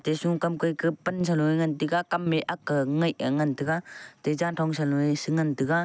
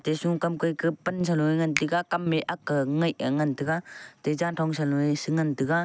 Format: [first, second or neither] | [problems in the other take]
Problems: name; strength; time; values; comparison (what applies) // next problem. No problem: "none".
first | background sound (Finger snapping); 14 dB below the speech